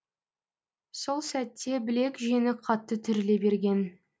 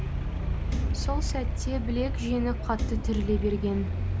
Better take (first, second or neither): first